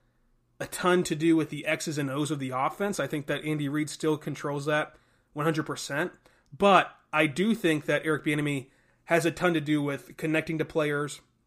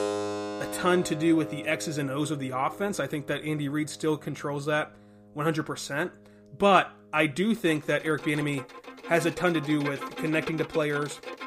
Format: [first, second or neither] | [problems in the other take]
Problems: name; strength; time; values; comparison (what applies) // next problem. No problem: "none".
first | background music; noticeable; throughout; 10 dB below the speech